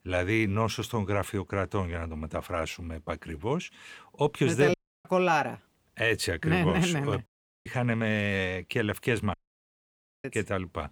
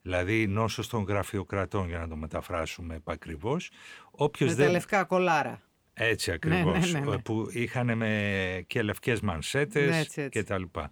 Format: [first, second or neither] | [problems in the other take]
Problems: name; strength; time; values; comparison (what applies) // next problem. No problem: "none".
second | audio cutting out; at 4.5 s, at 7.5 s and at 9.5 s for 1 s